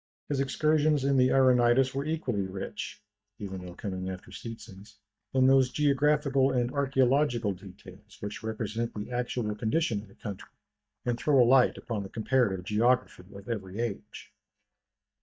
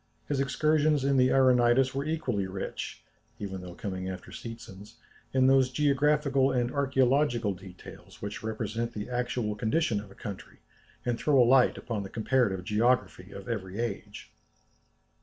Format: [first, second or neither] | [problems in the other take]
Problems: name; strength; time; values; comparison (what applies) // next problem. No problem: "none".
second | noise reduction (neural mask model DeepFilterNet 3)